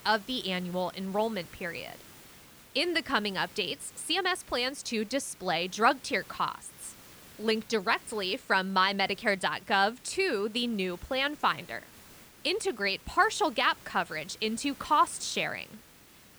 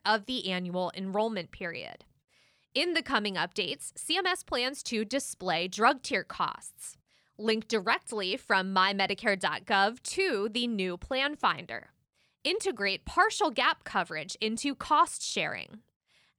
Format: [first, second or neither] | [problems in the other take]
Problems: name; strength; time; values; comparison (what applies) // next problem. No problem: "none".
second | hiss; faint; throughout; 20 dB below the speech